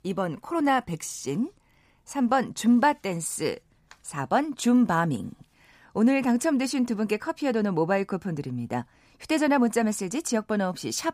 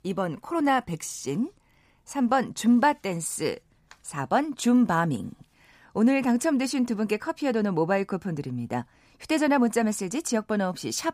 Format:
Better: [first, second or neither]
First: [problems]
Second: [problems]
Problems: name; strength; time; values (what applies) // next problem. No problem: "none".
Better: neither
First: none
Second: none